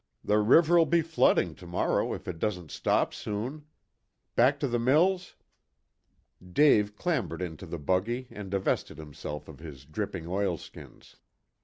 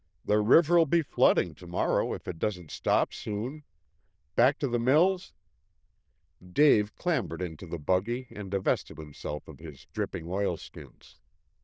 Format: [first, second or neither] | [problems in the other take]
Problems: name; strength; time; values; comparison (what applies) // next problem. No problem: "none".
first | noise reduction (neural diffusion model UNIVERSE++)